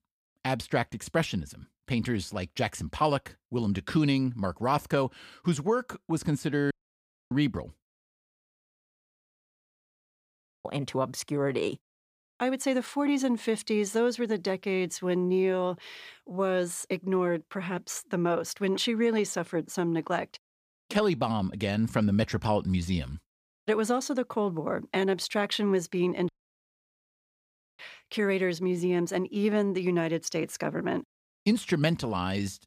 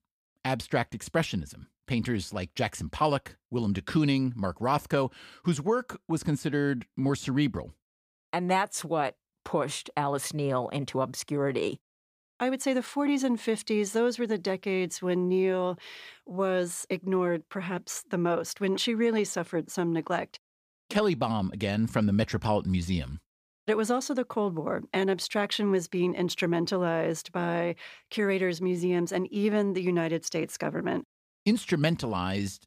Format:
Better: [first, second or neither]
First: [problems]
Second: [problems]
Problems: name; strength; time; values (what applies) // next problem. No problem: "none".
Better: second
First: audio cutting out; at 6.5 s for 0.5 s, at 8 s for 2.5 s and at 26 s for 1.5 s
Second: none